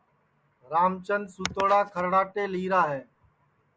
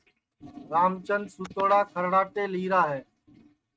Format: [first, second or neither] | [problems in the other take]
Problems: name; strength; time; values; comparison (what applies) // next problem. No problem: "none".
first | noise reduction (neural mask model RNNoise)